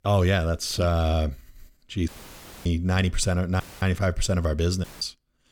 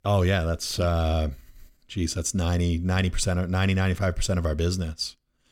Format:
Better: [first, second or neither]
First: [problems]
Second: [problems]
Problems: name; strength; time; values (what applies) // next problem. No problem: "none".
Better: second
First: audio cutting out; filled with static; at 2 s for 0.5 s, at 3.5 s and at 5 s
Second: none